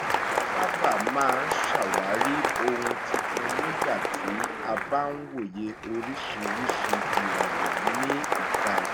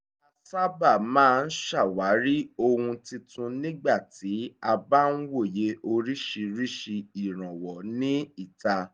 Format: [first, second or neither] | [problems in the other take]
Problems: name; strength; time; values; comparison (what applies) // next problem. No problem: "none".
second | background sound (Applause); 4 dB above the speech